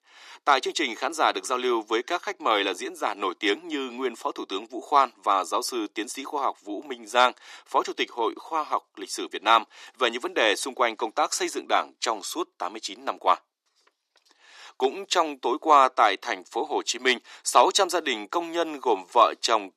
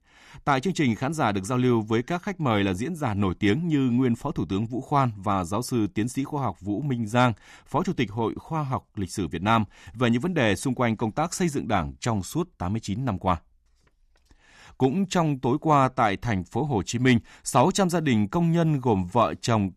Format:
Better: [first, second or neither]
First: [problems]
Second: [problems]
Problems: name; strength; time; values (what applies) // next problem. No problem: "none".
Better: second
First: thin; very; fading below 350 Hz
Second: none